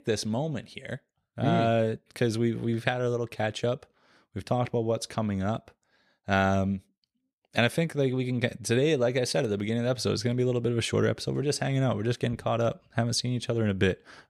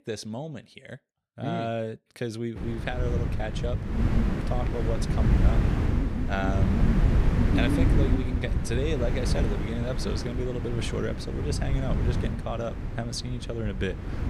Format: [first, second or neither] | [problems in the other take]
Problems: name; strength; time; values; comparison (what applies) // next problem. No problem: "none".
first | wind noise on the microphone; heavy; from 2.5 s on; 2 dB below the speech